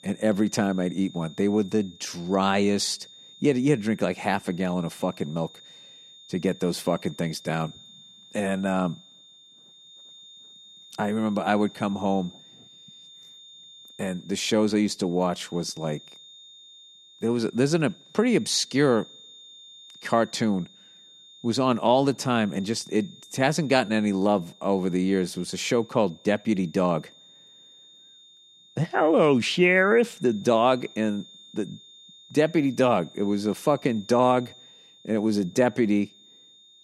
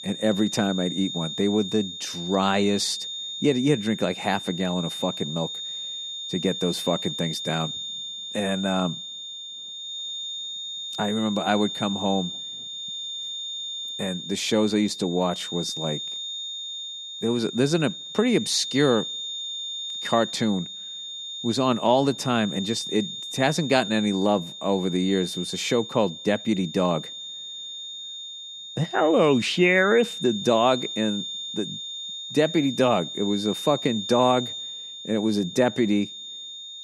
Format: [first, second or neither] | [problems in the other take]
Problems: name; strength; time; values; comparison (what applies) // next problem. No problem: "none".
first | high-pitched whine; loud; throughout; 3.5 kHz, 7 dB below the speech; faint in the first